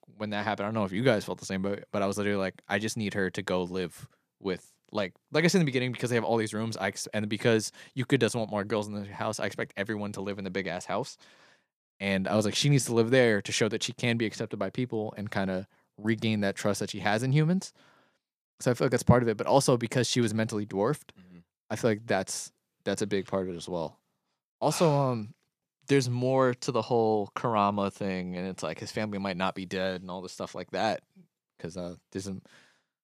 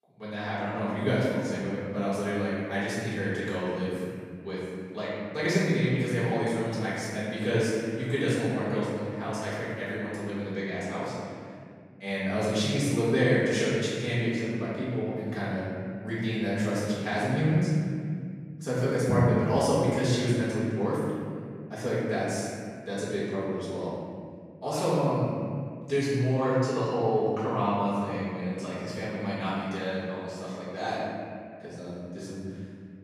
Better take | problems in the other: first | room echo; strong; dies away in 2.3 s // off-mic speech; far

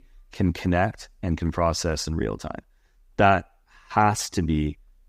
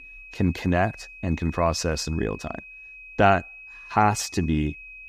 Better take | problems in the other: first | high-pitched whine; noticeable; throughout; 2.5 kHz, 15 dB below the speech

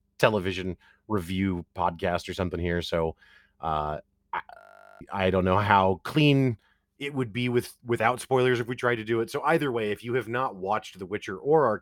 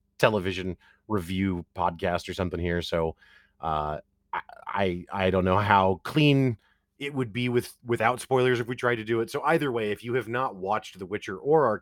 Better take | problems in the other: second | audio freezing; at 4.5 s

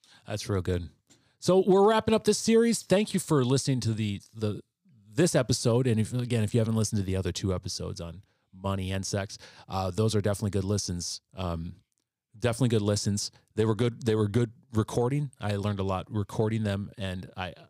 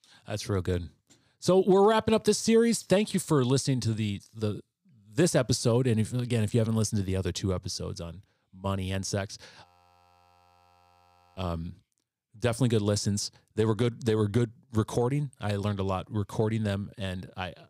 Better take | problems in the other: first | audio freezing; at 9.5 s for 1.5 s

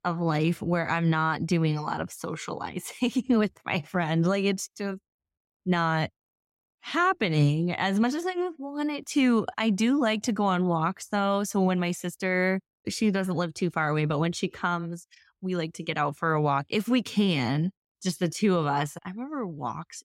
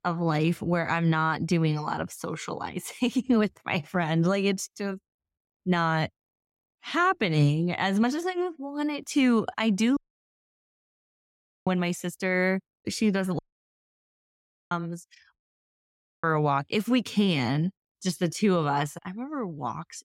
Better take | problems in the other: first | audio cutting out; at 10 s for 1.5 s, at 13 s for 1.5 s and at 15 s for 1 s

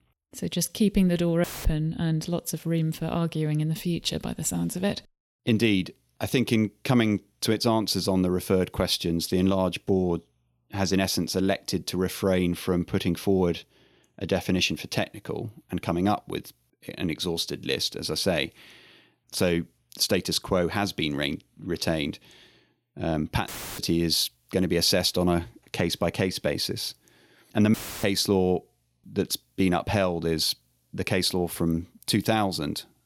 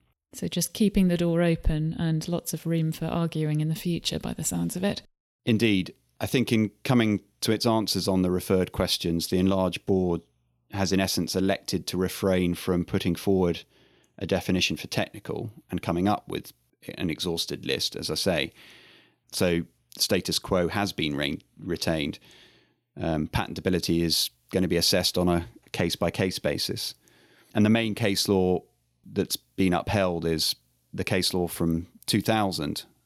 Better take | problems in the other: second | audio cutting out; filled with static; at 1.5 s, at 23 s and at 28 s

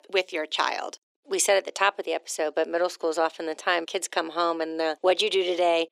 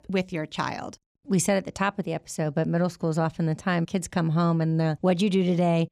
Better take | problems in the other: second | thin; very; fading below 350 Hz

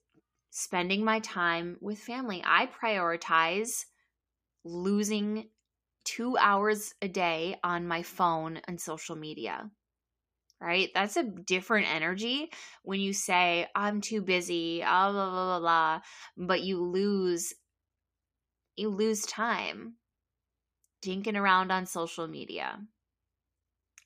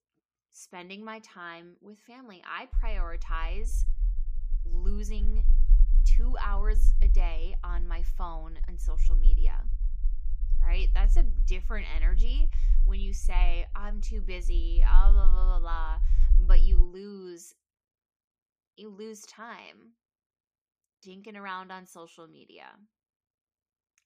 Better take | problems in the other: first | low rumble; noticeable; from 2.5 to 17 s; 15 dB below the speech

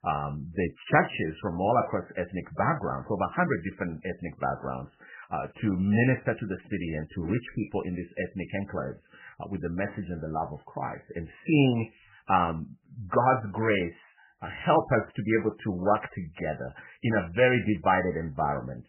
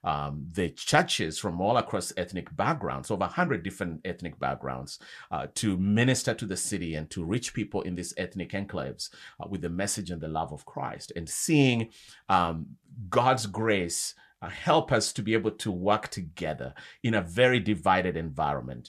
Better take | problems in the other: second | garbled, watery; badly; nothing above 3 kHz

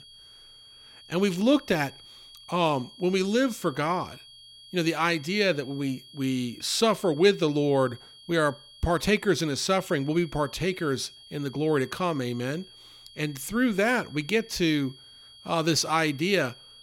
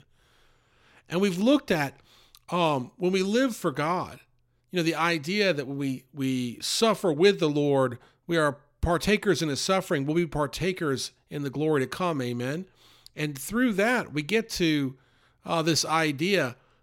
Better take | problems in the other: second | high-pitched whine; faint; throughout; 3.5 kHz, 20 dB below the speech

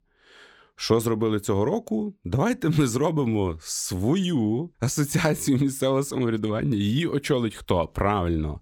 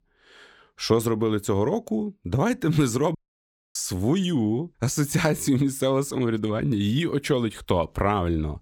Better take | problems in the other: first | audio cutting out; at 3 s for 0.5 s

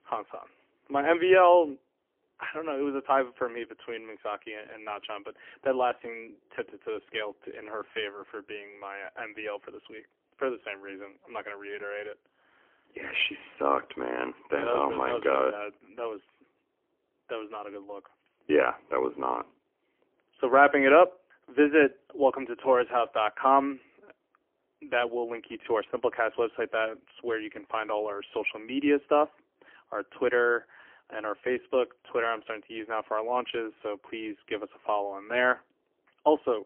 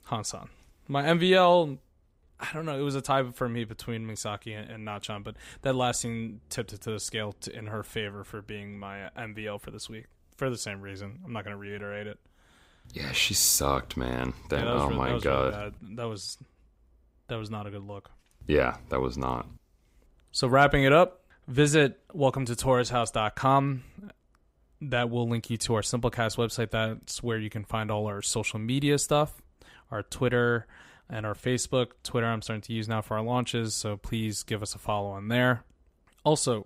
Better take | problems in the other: second | phone-call audio; poor line; nothing above 3 kHz

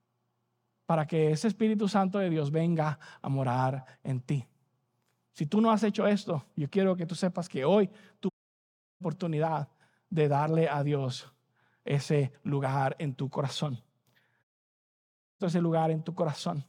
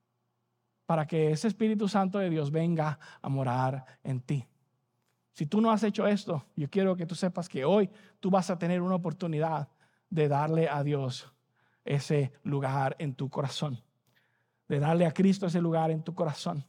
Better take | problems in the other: second | audio cutting out; at 8.5 s for 0.5 s and at 14 s for 1 s

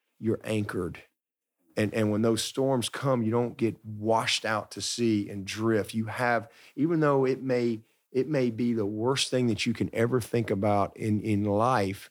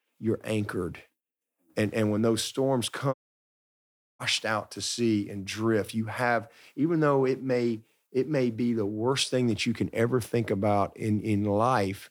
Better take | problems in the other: first | audio cutting out; at 3 s for 1 s

